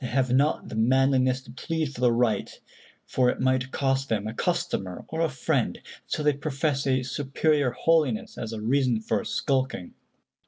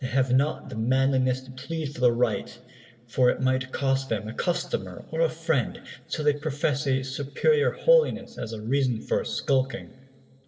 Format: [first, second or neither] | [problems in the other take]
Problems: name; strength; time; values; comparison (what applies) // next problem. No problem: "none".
first | room echo; dies away in 2.1 s